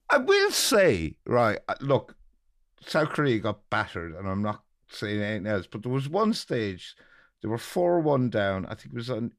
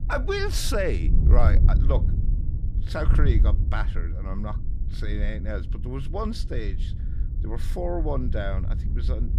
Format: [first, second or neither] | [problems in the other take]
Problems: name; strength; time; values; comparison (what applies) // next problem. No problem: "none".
first | wind noise on the microphone; occasional gusts; 10 dB below the speech